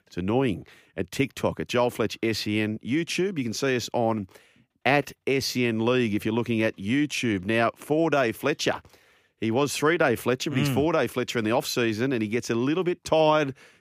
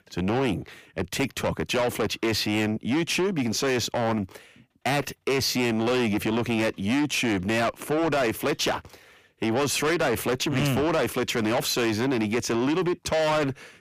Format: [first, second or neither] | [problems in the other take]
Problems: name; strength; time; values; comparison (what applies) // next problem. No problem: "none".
first | distortion; heavy; 7 dB below the speech